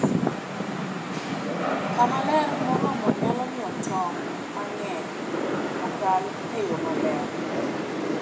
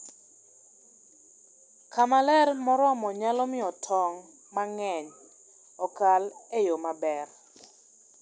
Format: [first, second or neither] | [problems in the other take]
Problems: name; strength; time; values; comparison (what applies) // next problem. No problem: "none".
second | background sound (Rain); 3 dB above the speech // room echo; dies away in 1 s